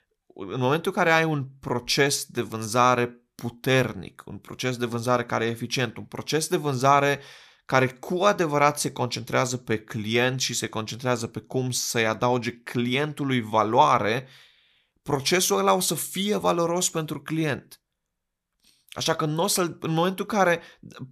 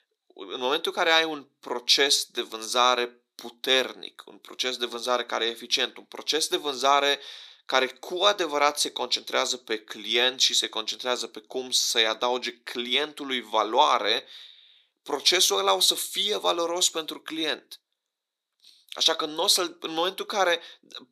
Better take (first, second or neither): first